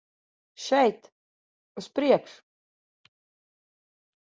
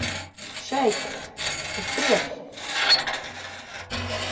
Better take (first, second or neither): first